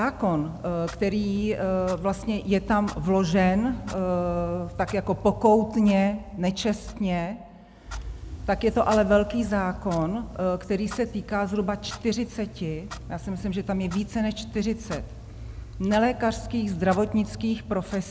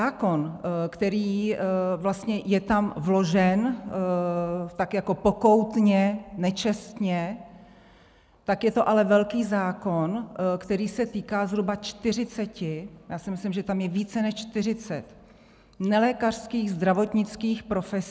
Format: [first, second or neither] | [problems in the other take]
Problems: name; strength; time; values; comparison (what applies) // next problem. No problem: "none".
second | background sound (Clock); 13 dB below the speech